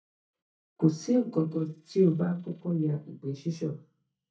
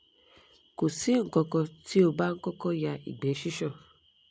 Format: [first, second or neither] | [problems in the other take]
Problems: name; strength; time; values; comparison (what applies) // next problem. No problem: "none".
second | noise reduction (neural mask model DeepFilterNet 3)